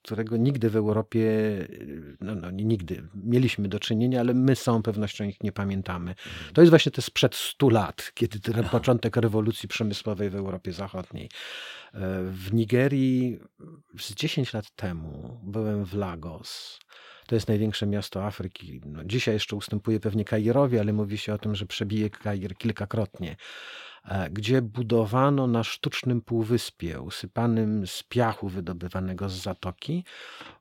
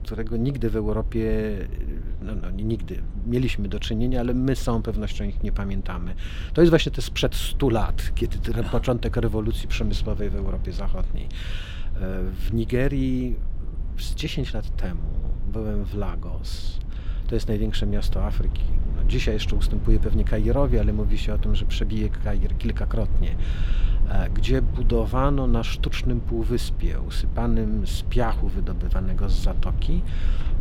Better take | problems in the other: first | low rumble; noticeable; throughout; 15 dB below the speech

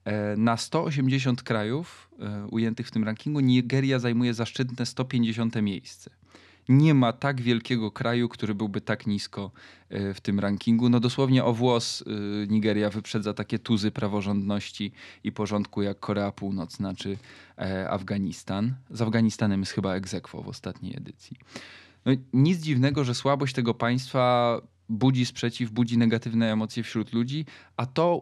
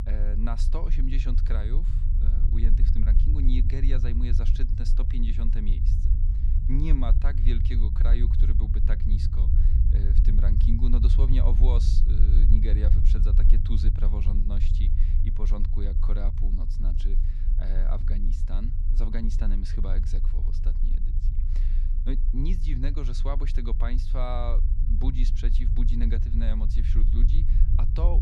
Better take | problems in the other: first | low rumble; loud; throughout; 5 dB below the speech

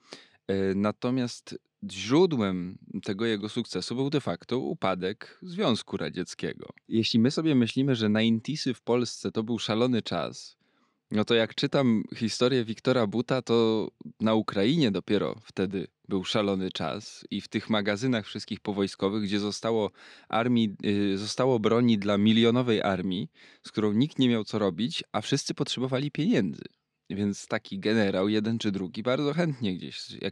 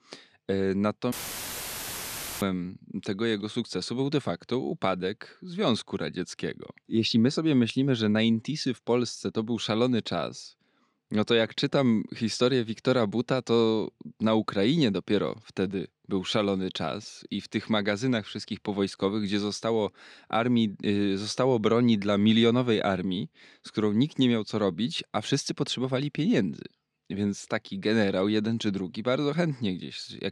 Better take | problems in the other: first | audio cutting out; filled with static; at 1 s for 1.5 s

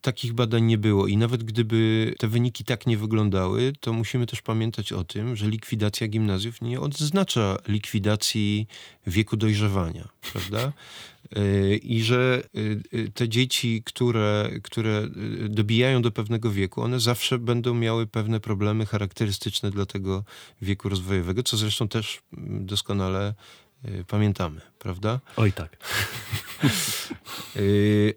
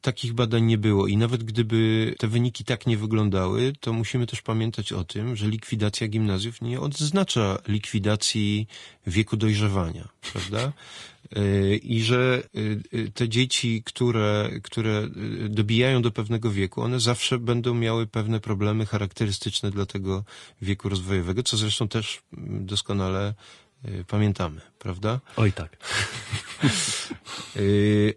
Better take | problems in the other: first | garbled, watery; slightly; nothing above 10 kHz

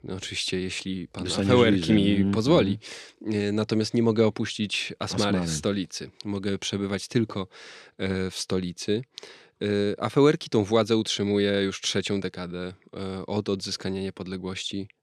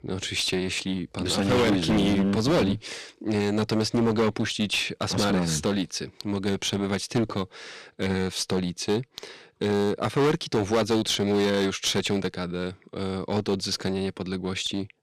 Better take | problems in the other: first | distortion; heavy; 11% of the sound clipped

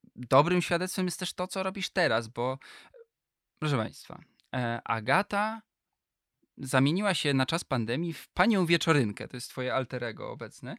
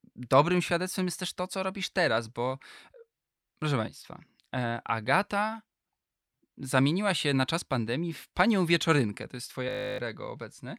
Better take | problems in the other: first | audio freezing; at 9.5 s

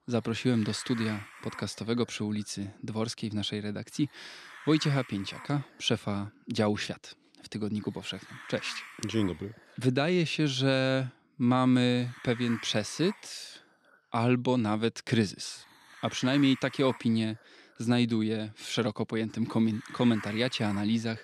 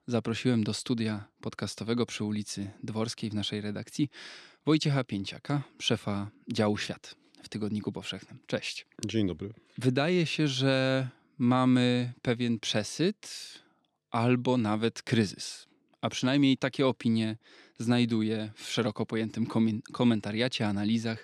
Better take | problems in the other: second | hiss; noticeable; throughout; 15 dB below the speech

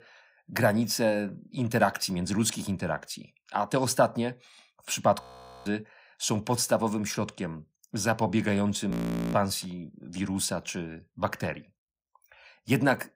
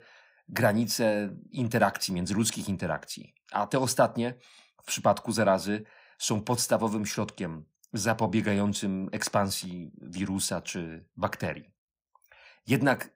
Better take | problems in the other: second | audio freezing; at 5 s and at 9 s

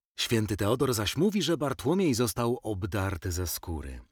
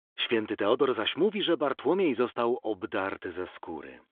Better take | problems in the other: first | phone-call audio; nothing above 3.5 kHz

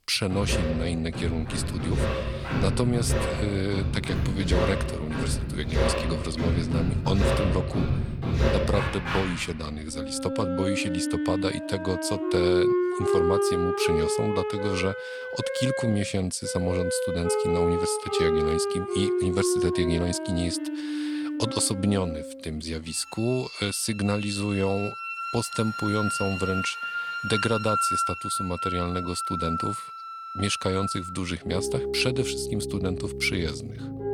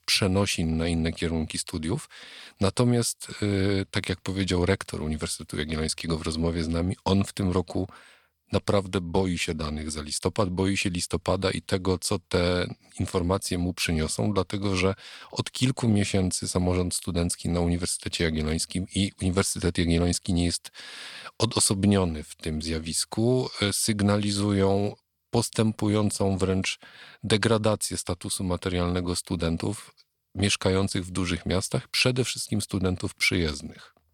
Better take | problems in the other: second | background music; very loud; throughout; as loud as the speech

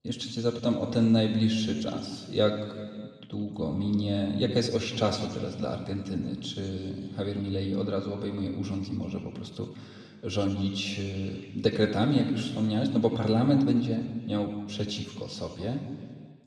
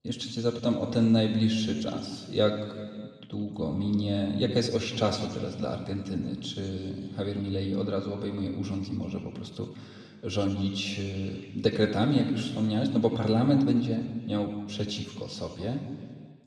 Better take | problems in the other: neither | room echo; noticeable; dies away in 1.7 s; the same in both // off-mic speech; somewhat distant; the same in both

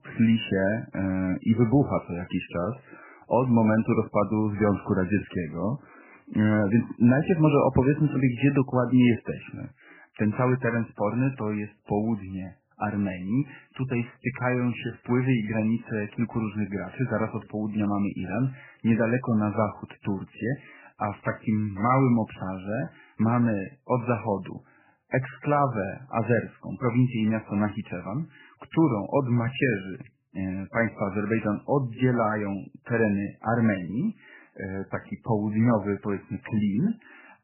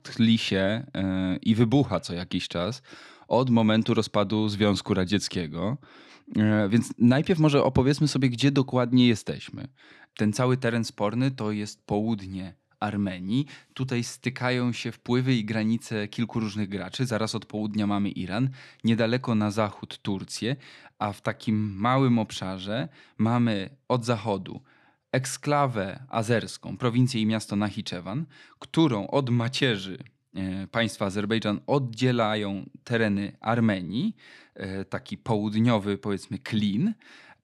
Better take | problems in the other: second | garbled, watery; badly; nothing above 3 kHz

